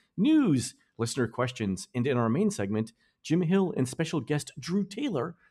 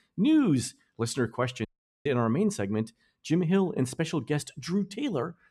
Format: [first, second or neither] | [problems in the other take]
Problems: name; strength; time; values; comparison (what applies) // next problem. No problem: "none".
first | audio cutting out; at 1.5 s